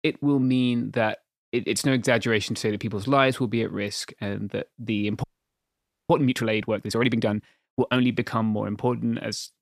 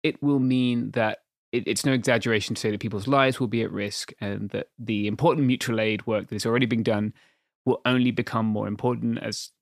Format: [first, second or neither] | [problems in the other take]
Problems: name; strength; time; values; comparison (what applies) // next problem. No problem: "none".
second | audio freezing; at 5 s for 1 s